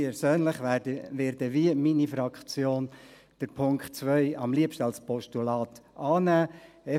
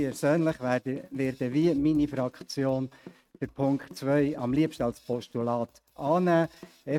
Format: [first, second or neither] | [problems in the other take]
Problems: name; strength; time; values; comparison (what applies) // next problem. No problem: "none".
first | noise reduction (neural mask model RNNoise)